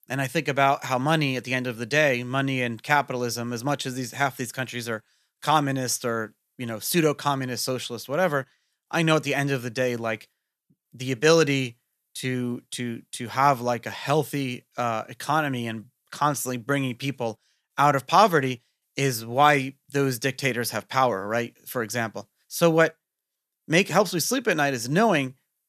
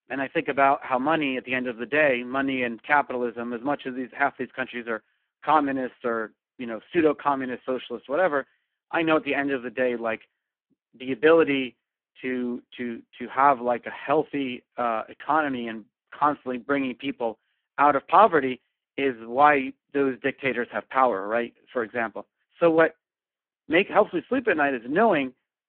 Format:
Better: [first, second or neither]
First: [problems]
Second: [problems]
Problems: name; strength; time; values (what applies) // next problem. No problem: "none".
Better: first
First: none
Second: phone-call audio; poor line